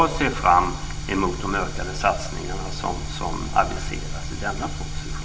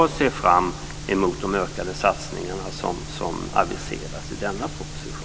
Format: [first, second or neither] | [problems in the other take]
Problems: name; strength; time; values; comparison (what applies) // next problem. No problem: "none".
second | room echo; dies away in 0.9 s